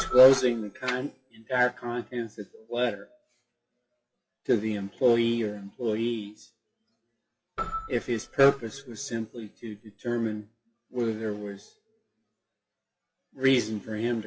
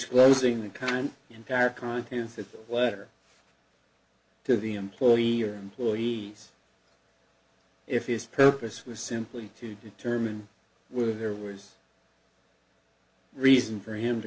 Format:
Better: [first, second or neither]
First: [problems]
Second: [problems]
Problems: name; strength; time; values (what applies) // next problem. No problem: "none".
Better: second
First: noise reduction (classical method WPE with log-MMSE)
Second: none